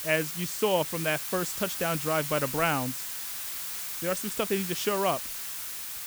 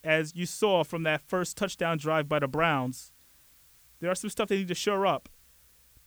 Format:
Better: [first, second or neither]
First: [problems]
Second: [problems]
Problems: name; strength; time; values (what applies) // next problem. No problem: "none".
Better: second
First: hiss; loud; throughout; 3 dB below the speech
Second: hiss; faint; throughout; 30 dB below the speech